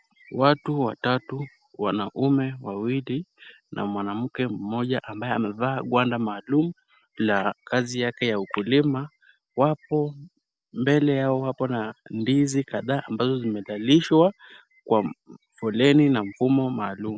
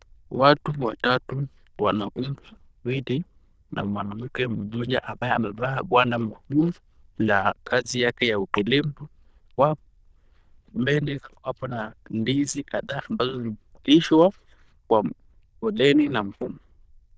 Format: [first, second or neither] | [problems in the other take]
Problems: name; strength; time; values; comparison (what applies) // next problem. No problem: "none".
first | noise reduction (neural diffusion model UNIVERSE++)